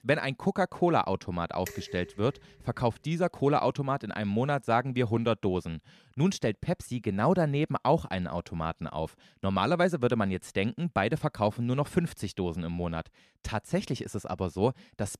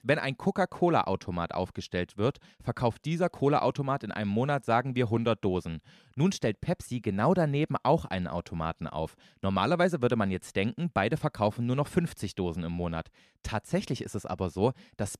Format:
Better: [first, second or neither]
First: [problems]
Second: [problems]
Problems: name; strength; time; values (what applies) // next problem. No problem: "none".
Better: second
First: clattering dishes; faint; at 1.5 s; peak 10 dB below the speech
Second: none